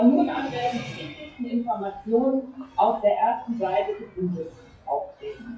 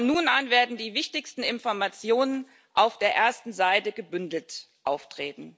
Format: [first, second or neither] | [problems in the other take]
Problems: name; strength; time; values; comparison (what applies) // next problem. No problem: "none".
second | noise reduction (classical method WPE with log-MMSE)